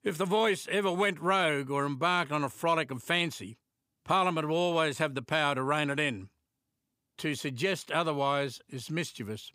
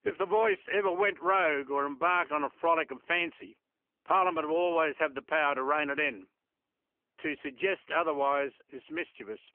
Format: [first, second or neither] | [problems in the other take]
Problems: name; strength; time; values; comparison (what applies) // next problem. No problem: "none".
first | phone-call audio; poor line; nothing above 3 kHz